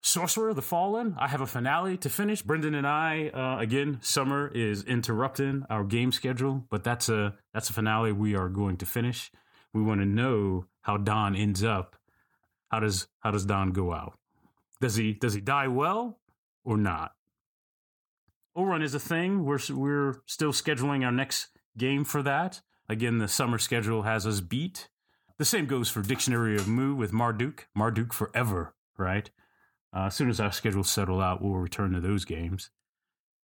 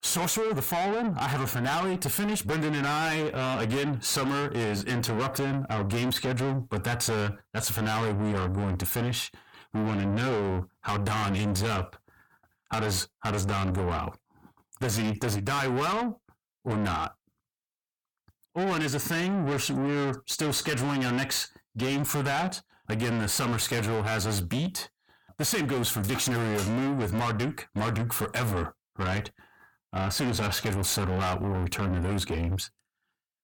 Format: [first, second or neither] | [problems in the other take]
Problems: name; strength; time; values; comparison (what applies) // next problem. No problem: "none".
first | distortion; heavy; 5 dB below the speech